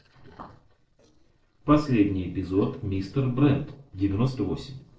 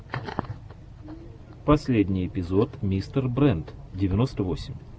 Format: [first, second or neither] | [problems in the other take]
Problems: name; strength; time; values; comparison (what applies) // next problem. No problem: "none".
second | noise reduction (neural separator model SepFormer DNS4)